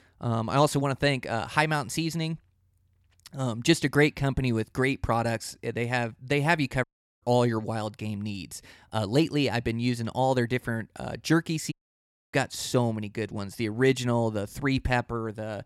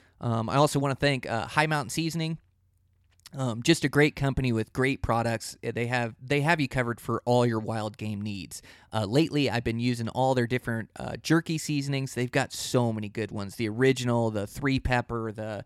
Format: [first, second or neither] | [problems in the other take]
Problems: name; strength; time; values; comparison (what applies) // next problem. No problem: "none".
second | audio cutting out; at 7 s and at 12 s for 0.5 s